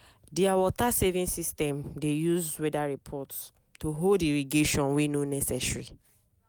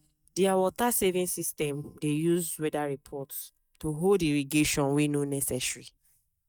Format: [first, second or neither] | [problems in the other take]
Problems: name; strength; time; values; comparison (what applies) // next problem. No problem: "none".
first | noise reduction (neural mask model DeepFilterNet 3)